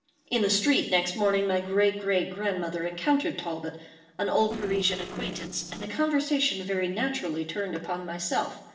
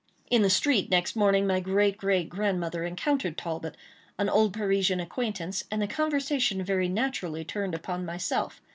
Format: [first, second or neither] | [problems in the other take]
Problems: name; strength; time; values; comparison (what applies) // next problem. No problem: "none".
second | noise reduction (neural separator model SepFormer DNS4)